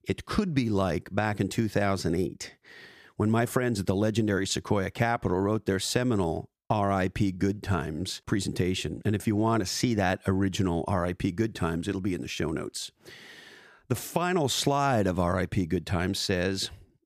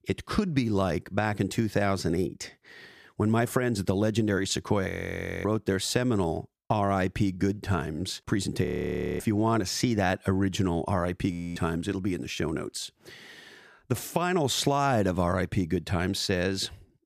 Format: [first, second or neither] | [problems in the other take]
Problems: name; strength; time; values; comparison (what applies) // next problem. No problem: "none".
first | audio freezing; at 5 s for 0.5 s, at 8.5 s for 0.5 s and at 11 s